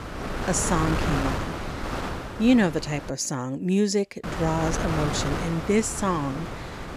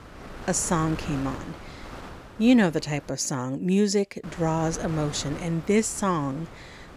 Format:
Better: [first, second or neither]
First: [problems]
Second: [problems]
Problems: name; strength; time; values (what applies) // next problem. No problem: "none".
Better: second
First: wind noise on the microphone; heavy; until 3 s and from 4 s on; 4 dB below the speech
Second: wind noise on the microphone; occasional gusts; until 3 s and from 4 s on; 15 dB below the speech